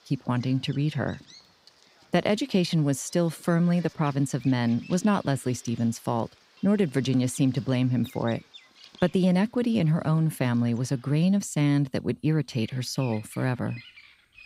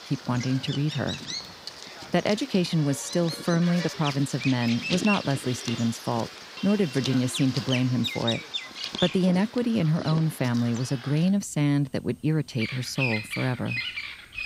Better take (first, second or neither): first